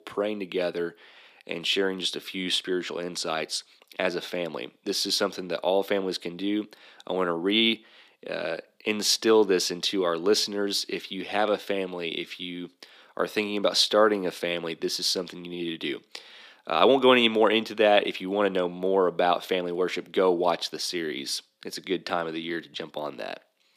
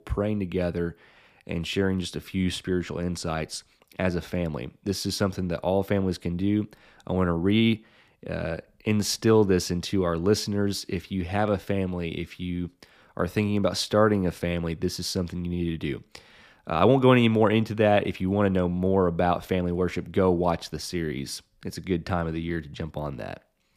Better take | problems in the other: second | thin; somewhat; fading below 300 Hz

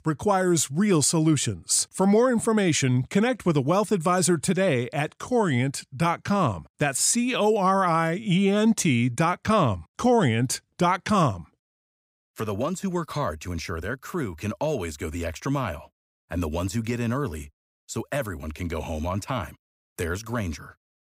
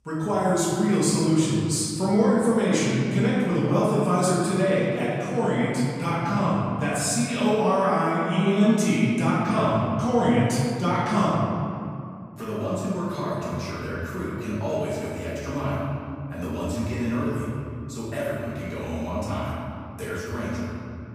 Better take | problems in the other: first | off-mic speech; far // room echo; strong; dies away in 2.3 s

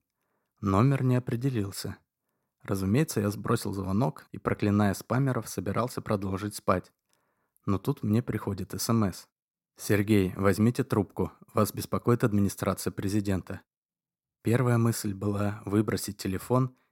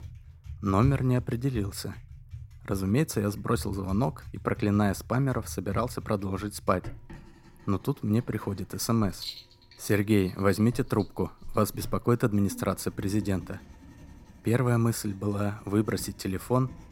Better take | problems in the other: first | household noises; noticeable; throughout; 15 dB below the speech

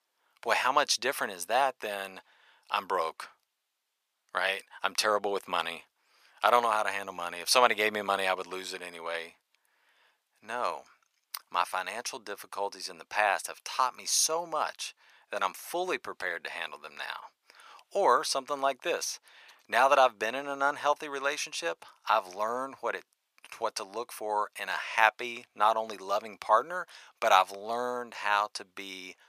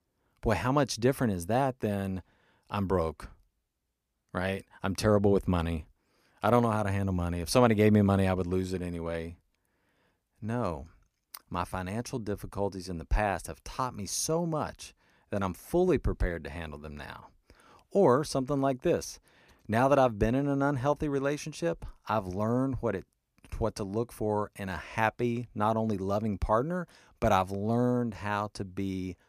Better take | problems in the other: second | thin; very; fading below 900 Hz

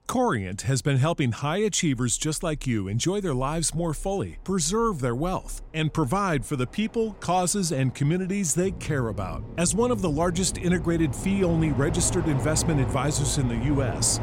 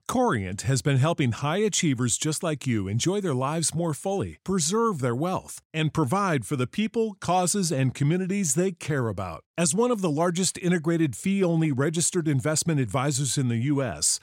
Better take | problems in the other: second | train or aircraft noise; loud; throughout; 8 dB below the speech

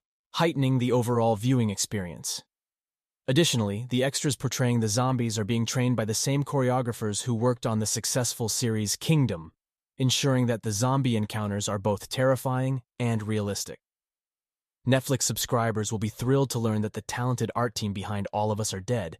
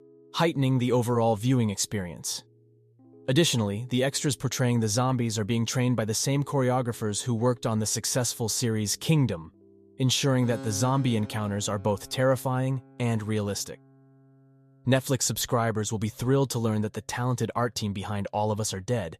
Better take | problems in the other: first | background music; faint; throughout; 25 dB below the speech

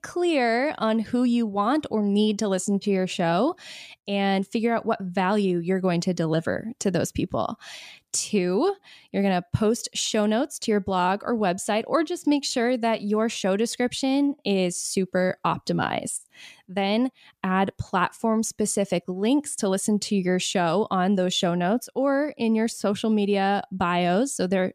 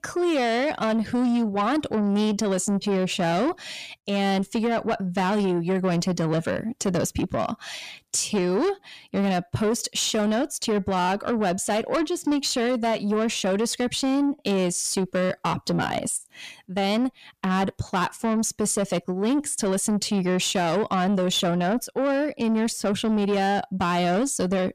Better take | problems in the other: first | distortion; slight; 10 dB below the speech

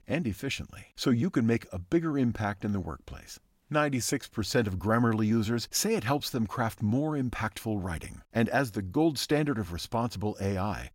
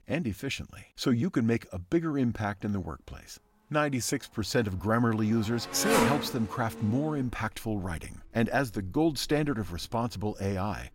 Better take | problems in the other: first | traffic noise; loud; throughout; 2 dB below the speech

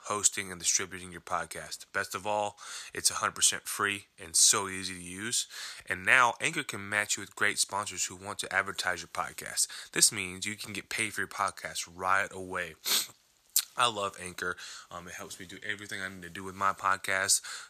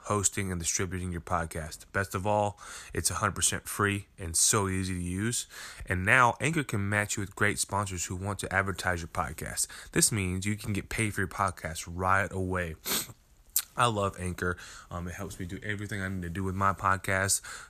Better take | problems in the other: second | thin; somewhat; fading below 550 Hz

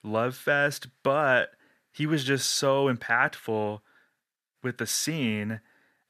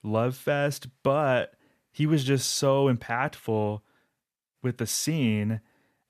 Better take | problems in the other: second | thin; very slightly; fading below 450 Hz

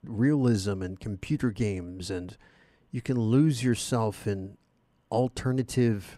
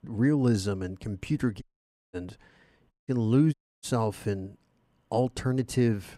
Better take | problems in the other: first | audio cutting out; at 1.5 s for 0.5 s, at 3 s and at 3.5 s

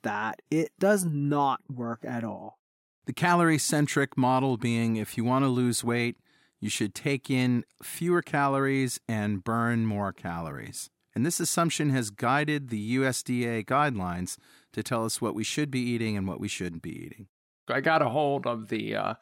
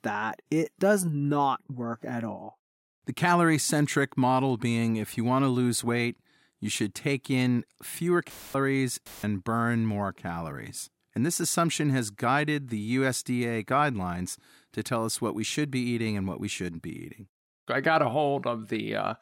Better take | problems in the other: first | audio cutting out; filled with static; at 8.5 s and at 9 s

